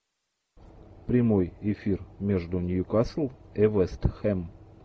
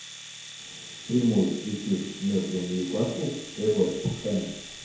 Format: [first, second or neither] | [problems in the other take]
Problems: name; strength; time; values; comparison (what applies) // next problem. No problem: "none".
first | background sound (Domestic sounds, home sounds); 14 dB below the speech // room echo; dies away in 0.9 s